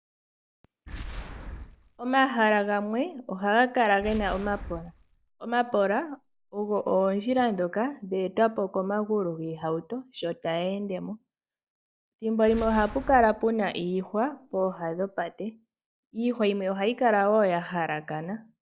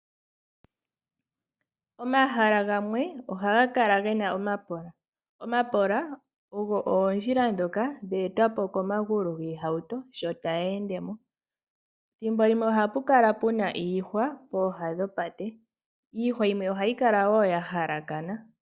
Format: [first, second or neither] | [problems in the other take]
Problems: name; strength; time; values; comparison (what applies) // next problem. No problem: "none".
second | background sound (Boom); 15 dB below the speech